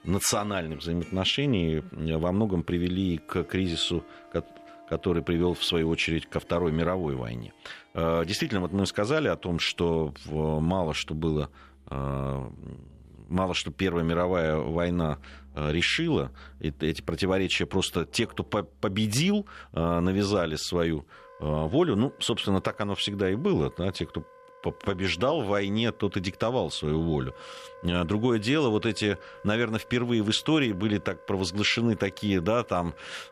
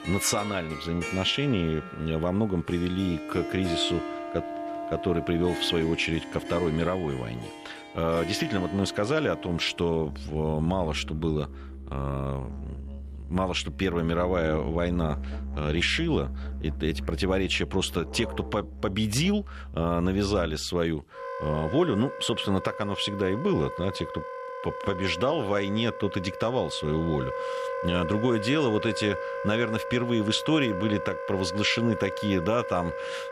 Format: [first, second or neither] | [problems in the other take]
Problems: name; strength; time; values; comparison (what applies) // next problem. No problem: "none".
first | background music; loud; throughout; 9 dB below the speech; faint in the first